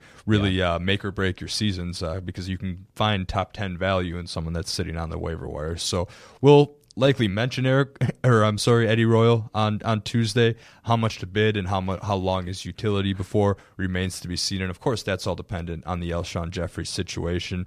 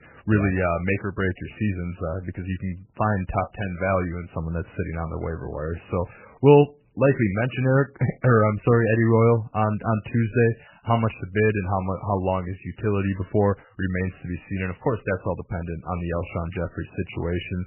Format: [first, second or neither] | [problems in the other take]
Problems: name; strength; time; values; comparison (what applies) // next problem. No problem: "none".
first | garbled, watery; badly; nothing above 3 kHz